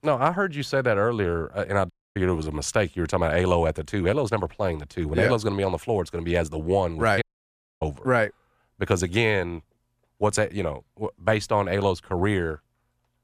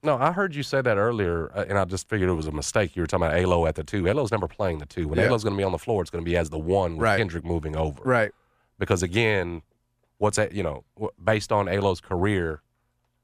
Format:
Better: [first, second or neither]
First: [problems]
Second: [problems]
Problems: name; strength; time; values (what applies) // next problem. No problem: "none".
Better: second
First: audio cutting out; at 2 s and at 7 s for 0.5 s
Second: none